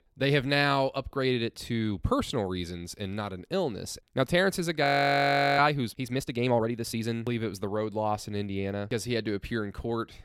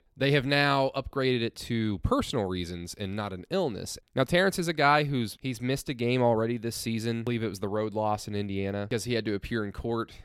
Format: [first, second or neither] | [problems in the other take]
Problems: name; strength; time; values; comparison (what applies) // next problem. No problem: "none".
second | audio freezing; at 5 s for 0.5 s